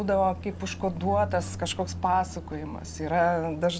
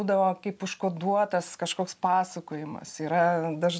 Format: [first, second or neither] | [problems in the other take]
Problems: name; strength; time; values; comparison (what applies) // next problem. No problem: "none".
second | background sound (Car passing by); 10 dB below the speech